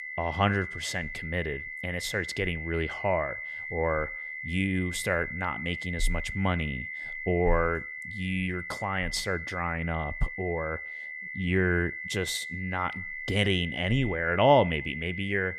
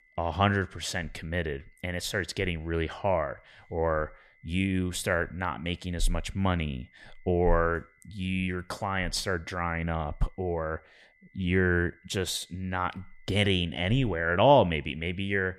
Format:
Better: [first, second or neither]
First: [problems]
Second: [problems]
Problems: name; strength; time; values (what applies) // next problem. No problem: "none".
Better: second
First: high-pitched whine; loud; throughout; 2 kHz, 7 dB below the speech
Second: high-pitched whine; faint; throughout; 2 kHz, 30 dB below the speech